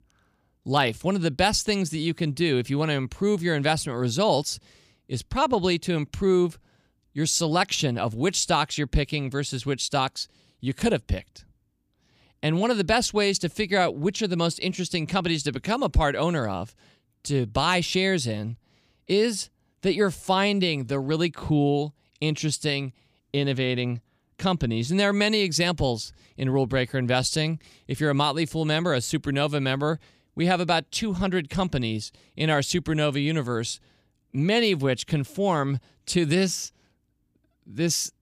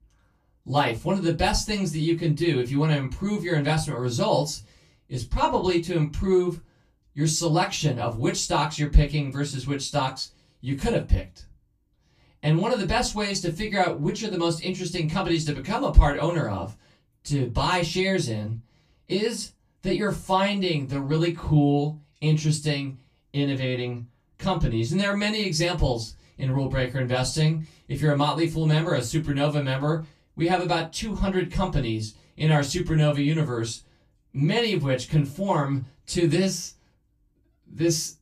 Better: first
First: none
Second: off-mic speech; far // room echo; very slight; dies away in 0.2 s

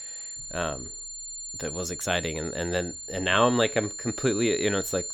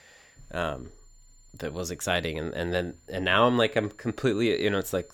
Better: second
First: high-pitched whine; loud; throughout; 7 kHz, 7 dB below the speech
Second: high-pitched whine; faint; throughout; 7 kHz, 30 dB below the speech

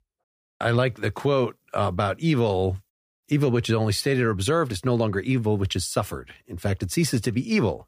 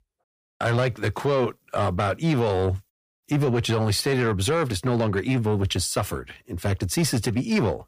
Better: first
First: none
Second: distortion; slight; 10 dB below the speech

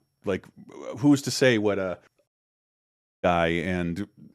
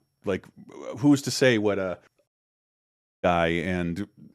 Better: neither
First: audio cutting out; at 2.5 s for 1 s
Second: audio cutting out; at 2.5 s for 1 s

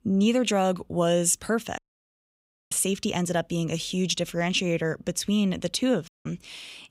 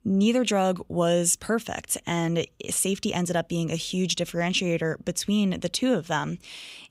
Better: second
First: audio cutting out; at 2 s for 1 s and at 6 s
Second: none

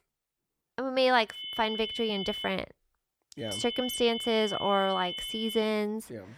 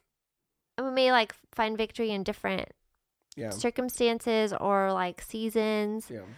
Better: second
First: high-pitched whine; loud; from 1.5 to 2.5 s and from 3.5 to 5.5 s; 3 kHz, 5 dB below the speech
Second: none

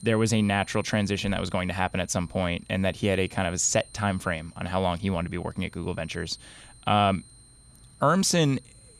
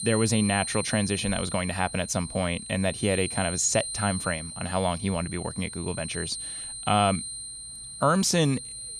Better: first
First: high-pitched whine; faint; throughout; 9 kHz, 25 dB below the speech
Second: high-pitched whine; loud; throughout; 9 kHz, 7 dB below the speech

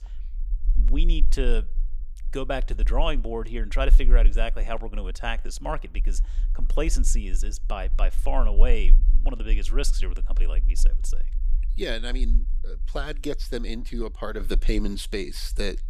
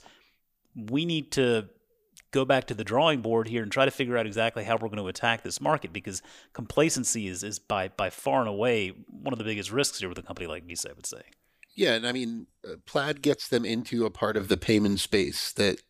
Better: second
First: low rumble; faint; throughout; 20 dB below the speech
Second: none

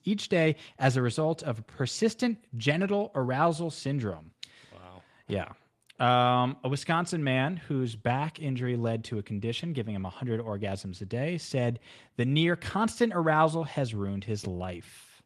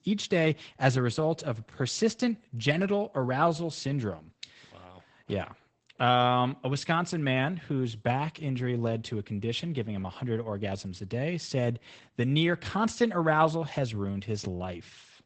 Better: first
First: garbled, watery; slightly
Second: garbled, watery; badly; nothing above 8 kHz

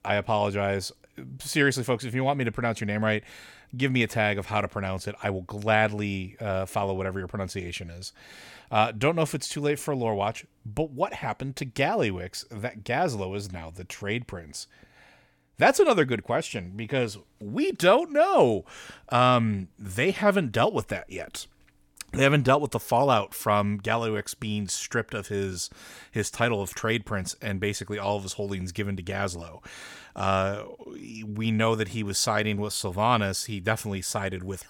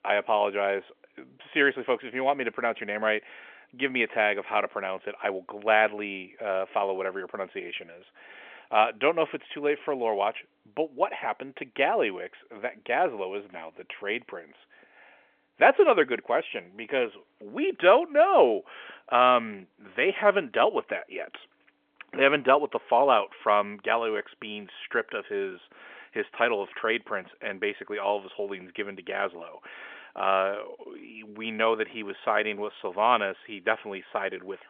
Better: first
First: none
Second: phone-call audio; nothing above 3.5 kHz

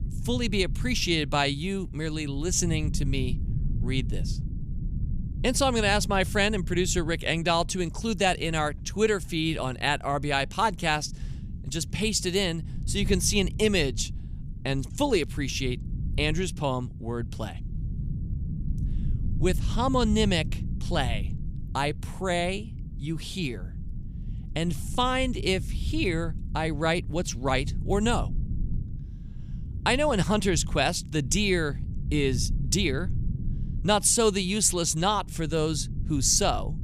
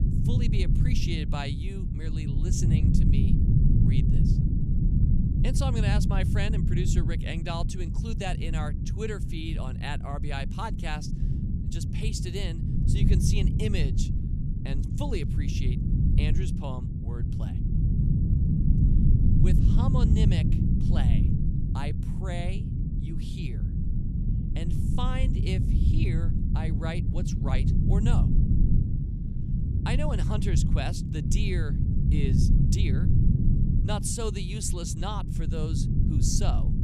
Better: first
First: low rumble; faint; throughout; 20 dB below the speech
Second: low rumble; loud; throughout; 1 dB below the speech

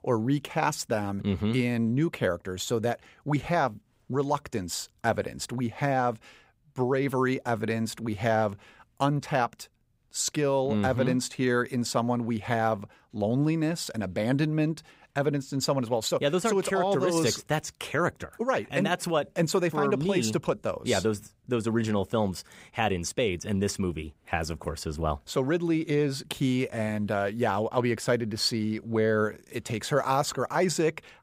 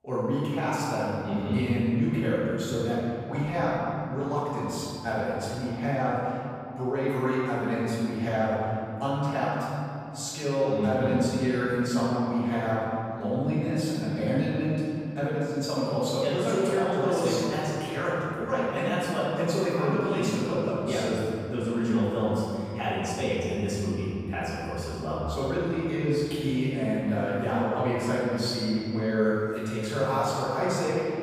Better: first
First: none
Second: room echo; strong; dies away in 2.7 s // off-mic speech; far

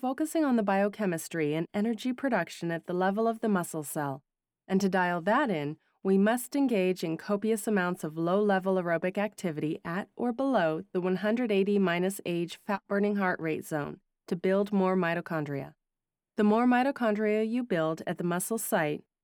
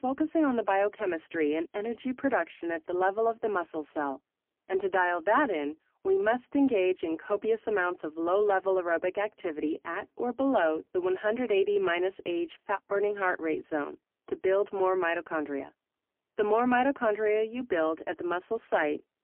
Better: first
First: none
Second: phone-call audio; poor line; nothing above 3 kHz

